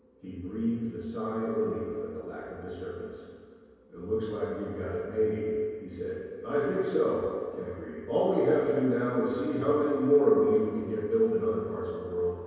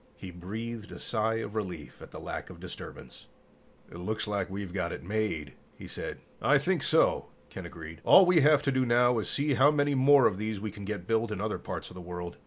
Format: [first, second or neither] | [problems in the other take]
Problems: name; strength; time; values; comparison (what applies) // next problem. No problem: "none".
second | room echo; dies away in 2.2 s